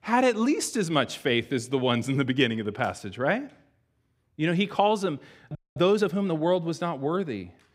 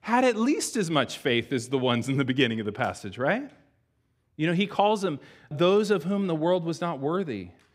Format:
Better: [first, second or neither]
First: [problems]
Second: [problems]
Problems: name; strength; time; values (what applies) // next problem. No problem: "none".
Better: second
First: audio freezing; at 5.5 s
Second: none